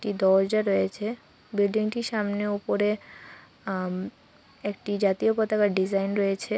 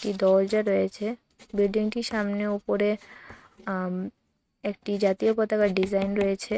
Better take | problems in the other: first | noise reduction (neural mask model RNNoise)

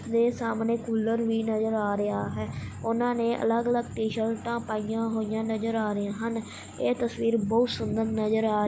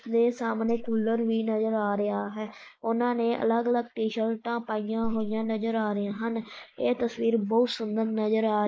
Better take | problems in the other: first | noise reduction (neural mask model Resemble Enhance denoiser)

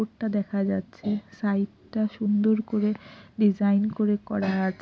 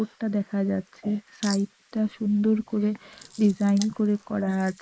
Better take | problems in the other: first | noise reduction (neural mask model Resemble Enhance denoiser)

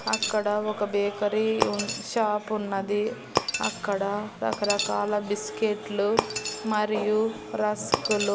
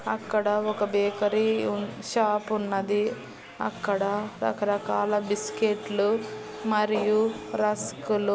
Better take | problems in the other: second | background sound (Shatter); 7 dB below the speech

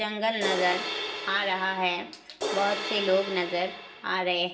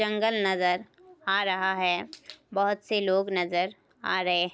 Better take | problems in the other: second | background sound (Crash cymbal); 6 dB below the speech // room echo; dies away in 1.1 s

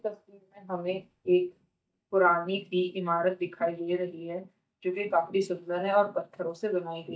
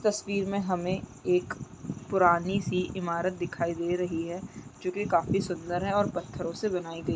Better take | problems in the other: second | noise reduction (neural mask model DeepFilterNet 3)

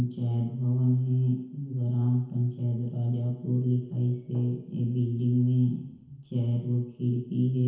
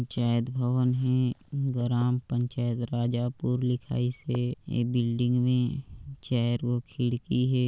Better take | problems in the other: second | room echo; dies away in 1 s

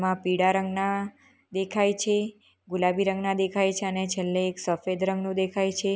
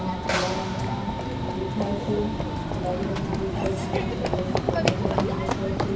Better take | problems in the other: first | background sound (Run / Train); 5 dB above the speech // room echo; dies away in 0.6 s

